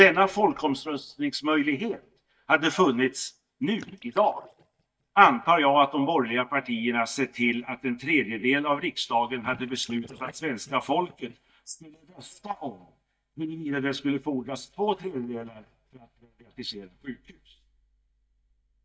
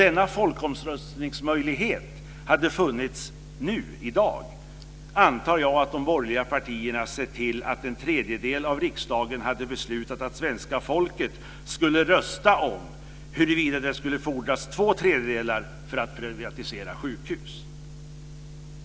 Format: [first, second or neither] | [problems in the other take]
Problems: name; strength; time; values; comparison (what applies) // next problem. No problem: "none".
second | noise reduction (neural mask model DeepFilterNet 3)